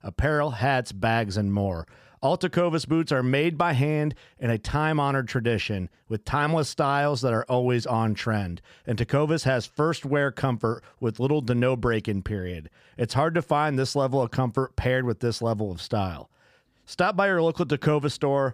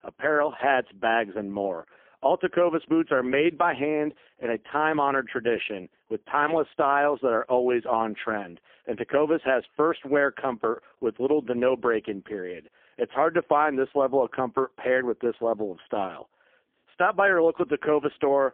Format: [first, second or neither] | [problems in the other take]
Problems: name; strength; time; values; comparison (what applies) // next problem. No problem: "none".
first | phone-call audio; poor line; nothing above 3 kHz